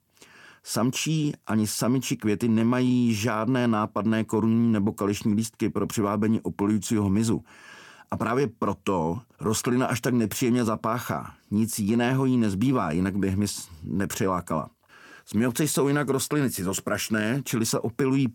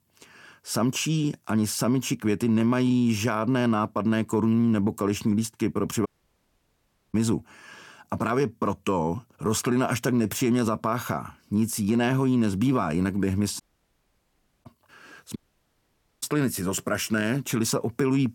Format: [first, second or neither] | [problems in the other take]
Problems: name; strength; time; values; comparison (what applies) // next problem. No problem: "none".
first | audio cutting out; at 6 s for 1 s, at 14 s for 1 s and at 15 s for 1 s